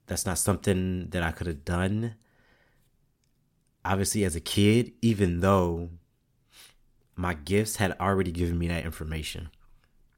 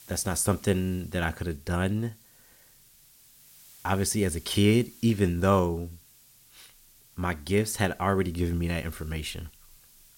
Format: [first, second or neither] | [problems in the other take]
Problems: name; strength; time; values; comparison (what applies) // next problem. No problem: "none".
first | hiss; faint; throughout; 25 dB below the speech